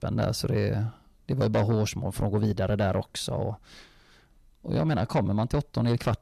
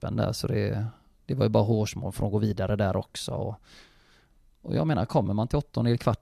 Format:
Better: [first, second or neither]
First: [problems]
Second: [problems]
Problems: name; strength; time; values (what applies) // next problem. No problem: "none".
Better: second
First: distortion; slight; 10 dB below the speech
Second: none